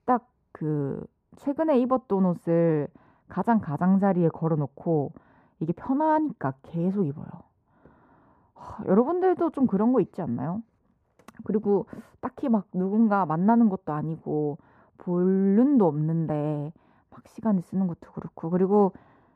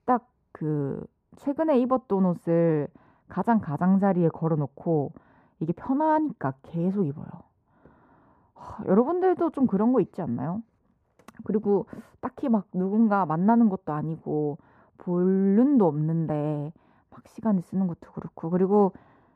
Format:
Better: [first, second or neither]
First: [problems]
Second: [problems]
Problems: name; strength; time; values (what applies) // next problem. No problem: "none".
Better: neither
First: muffled; very; fading above 2 kHz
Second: muffled; very; fading above 2 kHz